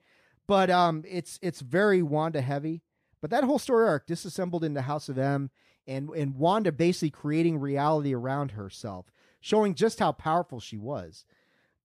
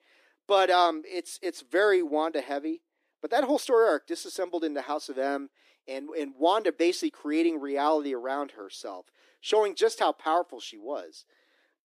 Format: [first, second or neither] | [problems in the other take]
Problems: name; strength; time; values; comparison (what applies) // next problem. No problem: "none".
first | thin; somewhat; fading below 300 Hz